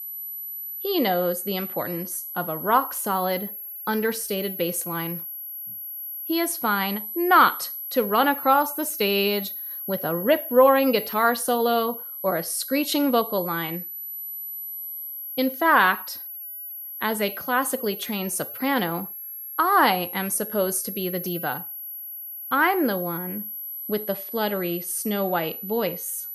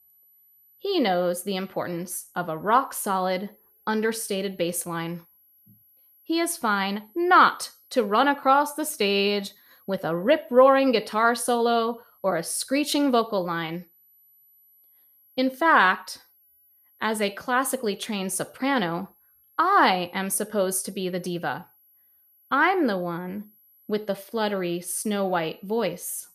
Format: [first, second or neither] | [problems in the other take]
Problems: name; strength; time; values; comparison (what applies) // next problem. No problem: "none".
second | high-pitched whine; loud; throughout; 11.5 kHz, 8 dB below the speech; faint in the second